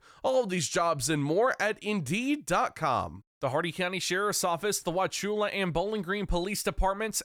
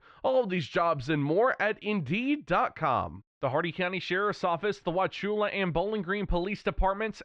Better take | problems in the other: first | muffled; very; fading above 3.5 kHz

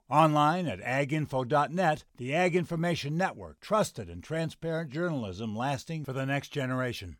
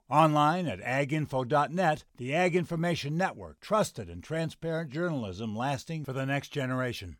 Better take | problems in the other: neither | none

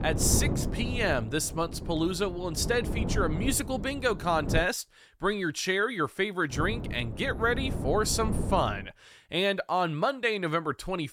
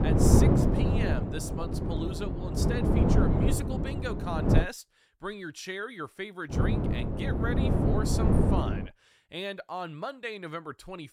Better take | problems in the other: first | wind noise on the microphone; heavy; until 4.5 s and from 6.5 to 9 s; 4 dB above the speech; occasional gusts in the first

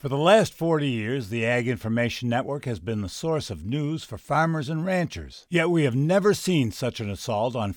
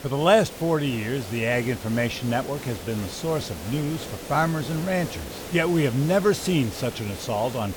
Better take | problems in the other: first | hiss; noticeable; throughout; 10 dB below the speech

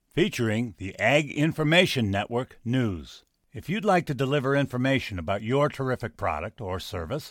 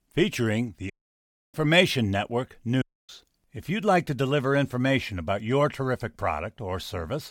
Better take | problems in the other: first | audio cutting out; at 1 s for 0.5 s and at 3 s

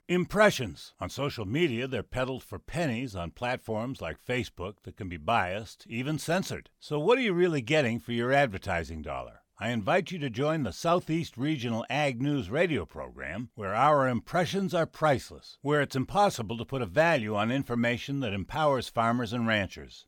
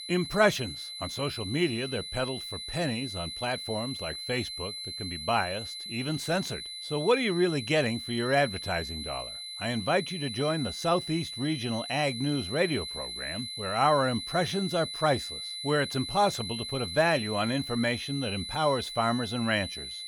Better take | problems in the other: first | high-pitched whine; loud; throughout; 4 kHz, 6 dB below the speech

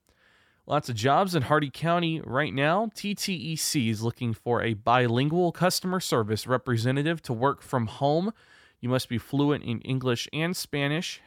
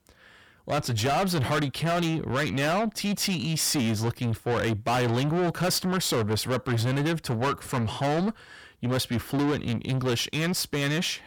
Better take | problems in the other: first | distortion; heavy; 6 dB below the speech

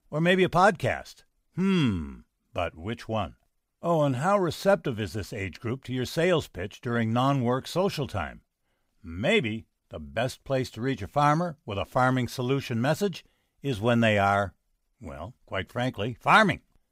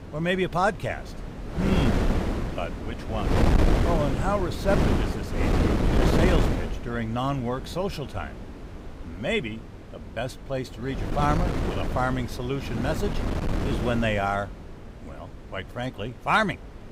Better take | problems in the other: first | wind noise on the microphone; heavy; 2 dB below the speech

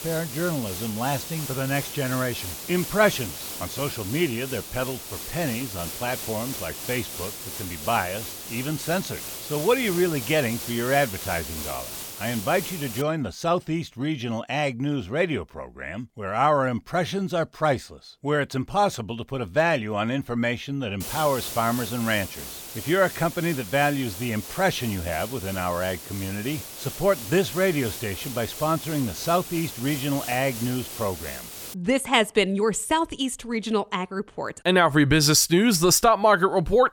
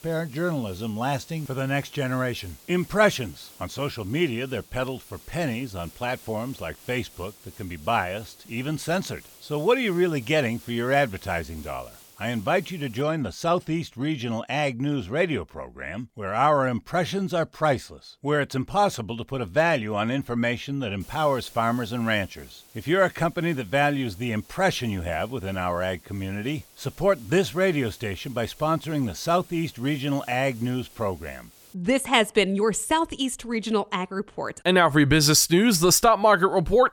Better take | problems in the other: second | hiss; loud; until 13 s and from 21 to 32 s; 9 dB below the speech; faint in the second

